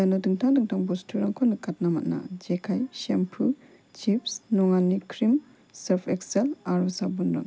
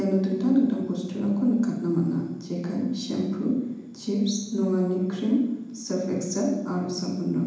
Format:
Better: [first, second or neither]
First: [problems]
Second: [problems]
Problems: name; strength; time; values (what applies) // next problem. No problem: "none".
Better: first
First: none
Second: room echo; dies away in 1 s